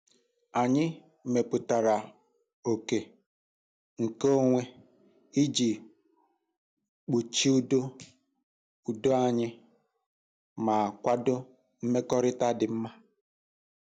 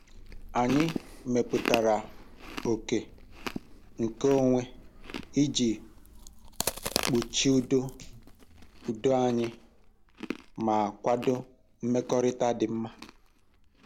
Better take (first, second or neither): first